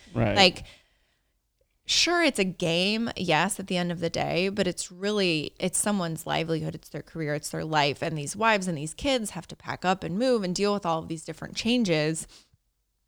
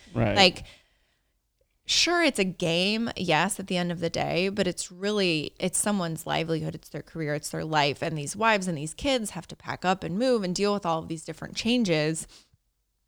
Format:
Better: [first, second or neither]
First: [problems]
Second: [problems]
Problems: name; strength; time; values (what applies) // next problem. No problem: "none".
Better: neither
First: none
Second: none